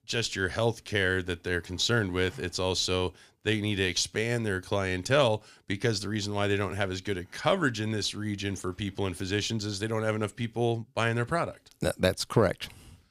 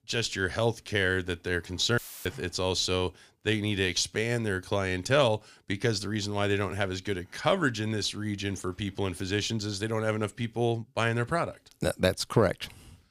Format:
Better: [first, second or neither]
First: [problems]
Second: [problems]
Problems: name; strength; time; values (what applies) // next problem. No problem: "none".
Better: first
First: none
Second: audio cutting out; filled with static; at 2 s